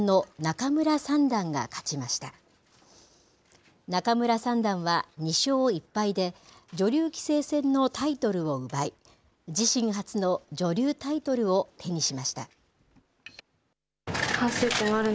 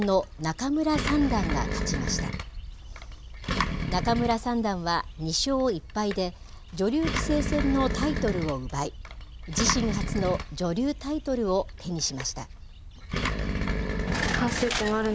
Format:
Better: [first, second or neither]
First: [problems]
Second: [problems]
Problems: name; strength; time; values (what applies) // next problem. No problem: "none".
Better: first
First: none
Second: background sound (Engine); 3 dB below the speech